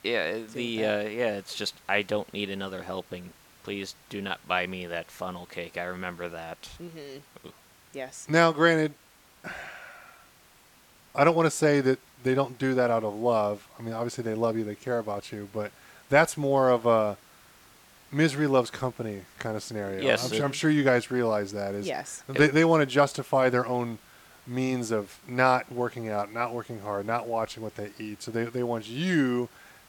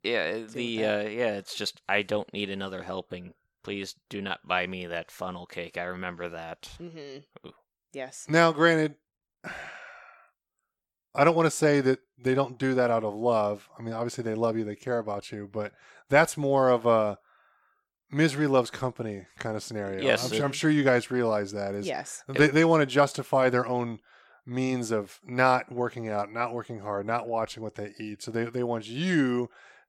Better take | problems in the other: second | hiss; faint; throughout; 25 dB below the speech

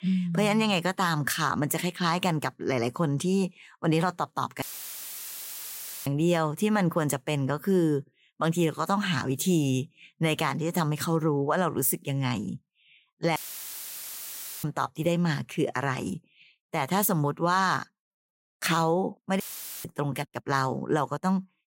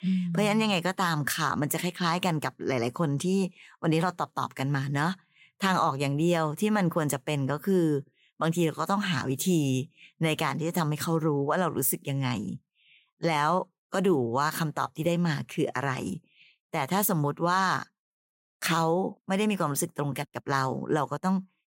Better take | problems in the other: second | audio cutting out; filled with static; at 4.5 s for 1.5 s, at 13 s for 1.5 s and at 19 s

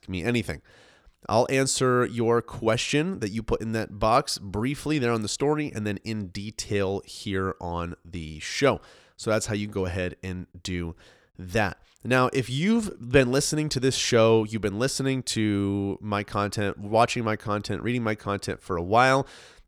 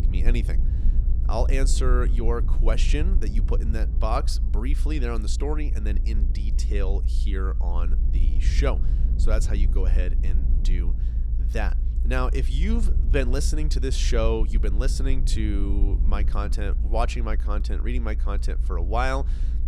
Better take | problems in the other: first | low rumble; noticeable; throughout; 15 dB below the speech

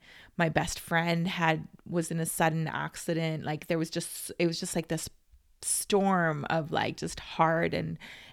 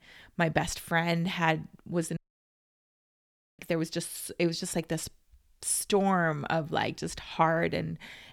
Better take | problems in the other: first | audio cutting out; at 2 s for 1.5 s

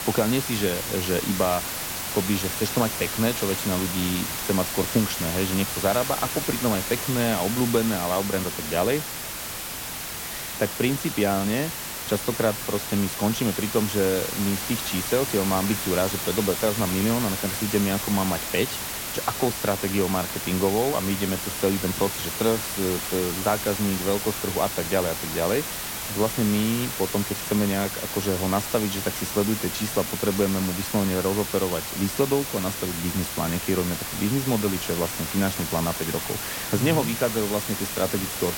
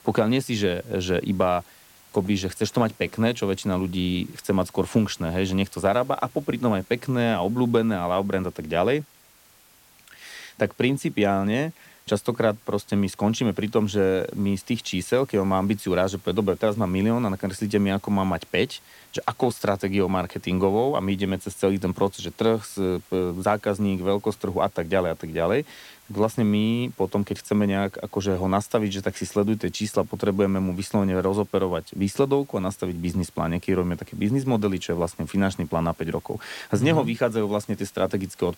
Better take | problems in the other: second | hiss; loud; throughout; 3 dB below the speech; faint in the second

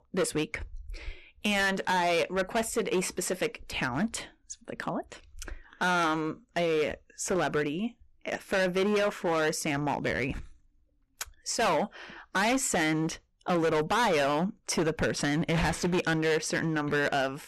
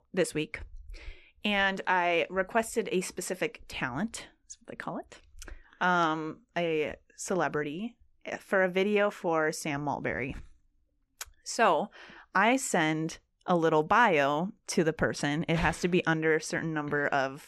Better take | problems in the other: second | distortion; heavy; 12% of the sound clipped

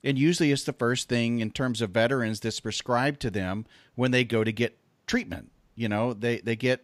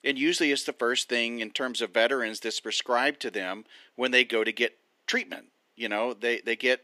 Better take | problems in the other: first | thin; somewhat; fading below 300 Hz

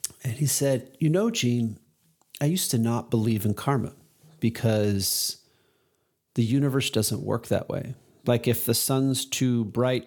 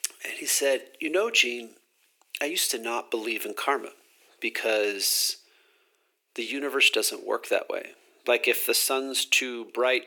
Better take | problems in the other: first | thin; very; fading below 350 Hz

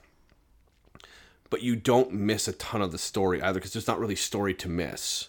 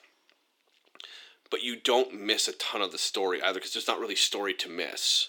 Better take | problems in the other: first | thin; somewhat; fading below 300 Hz

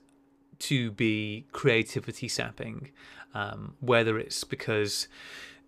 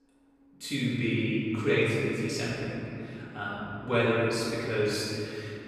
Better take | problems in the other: first | room echo; strong; dies away in 2.6 s // off-mic speech; far

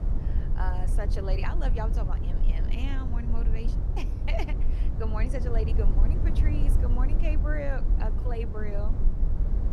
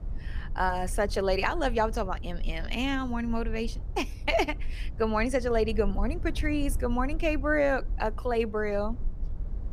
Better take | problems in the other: second | low rumble; loud; throughout; 6 dB below the speech; faint in the second

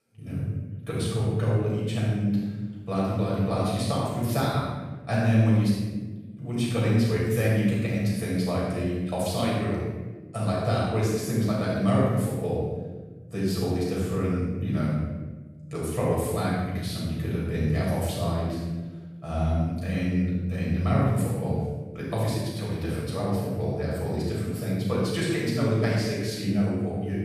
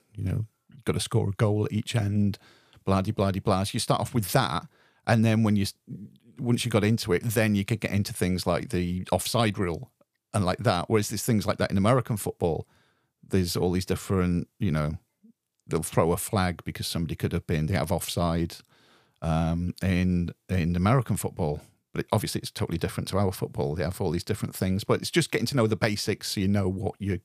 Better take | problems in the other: second | off-mic speech; far // room echo; strong; dies away in 1.3 s

